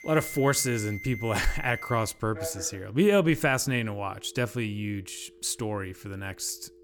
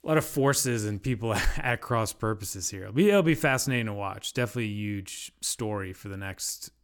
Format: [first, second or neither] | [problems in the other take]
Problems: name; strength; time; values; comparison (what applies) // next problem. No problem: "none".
second | alarms or sirens; noticeable; throughout; 10 dB below the speech